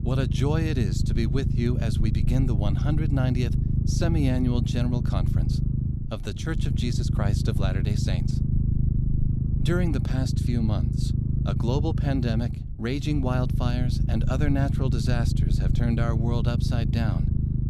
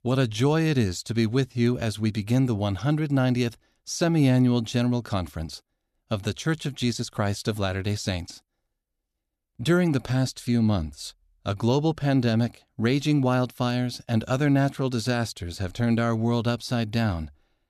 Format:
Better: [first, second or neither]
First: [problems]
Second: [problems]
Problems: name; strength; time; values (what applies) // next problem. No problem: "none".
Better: second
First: low rumble; loud; throughout; 4 dB below the speech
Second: none